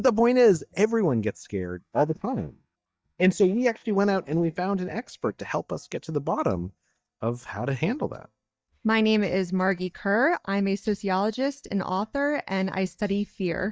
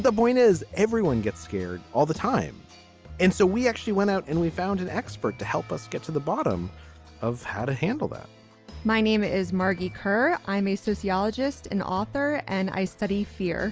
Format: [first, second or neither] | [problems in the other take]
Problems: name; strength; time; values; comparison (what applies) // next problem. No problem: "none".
second | noise reduction (neural mask model DeepFilterNet 3)